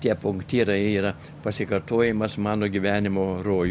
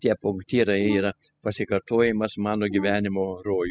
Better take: first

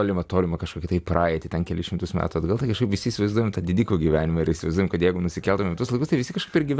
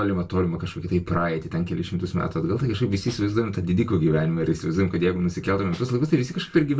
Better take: first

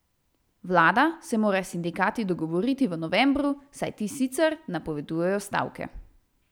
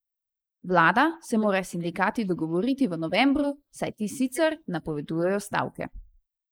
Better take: first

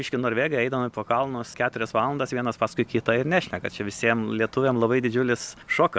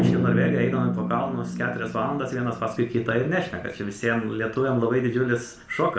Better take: first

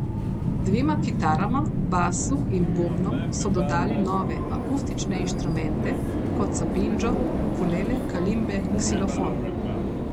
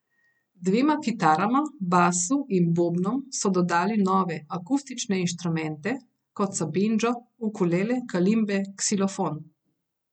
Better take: second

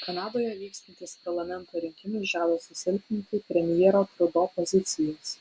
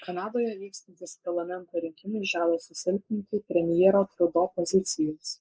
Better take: first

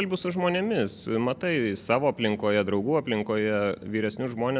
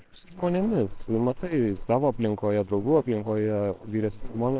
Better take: first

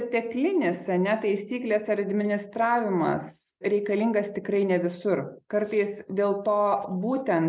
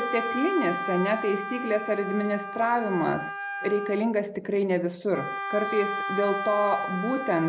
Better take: first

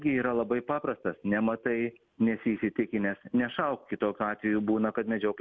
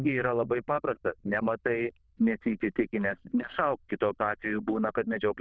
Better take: first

